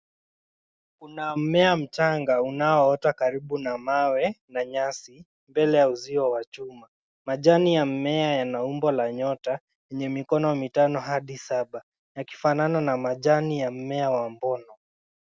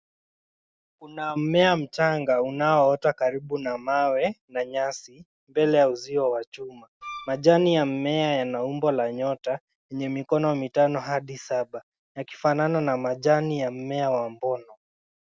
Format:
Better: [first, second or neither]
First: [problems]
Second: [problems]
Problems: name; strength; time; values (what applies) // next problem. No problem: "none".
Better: first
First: none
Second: background sound (Wind instrument, woodwind instrument); 16 dB below the speech